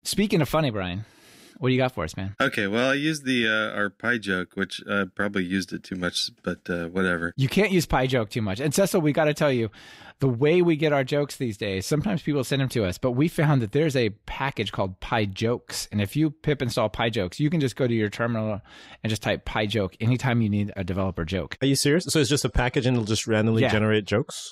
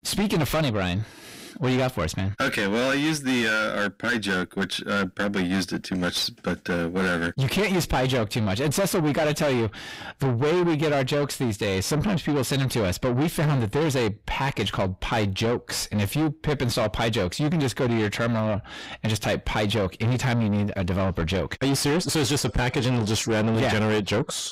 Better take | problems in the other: first | distortion; heavy; 7 dB below the speech

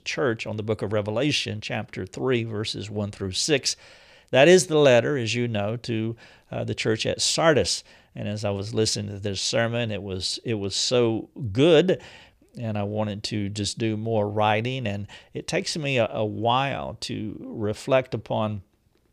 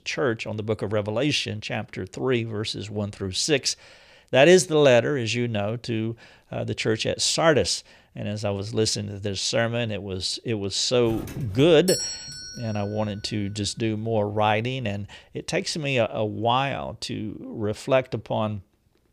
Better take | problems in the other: first | doorbell; noticeable; from 11 to 13 s; peak 2 dB below the speech

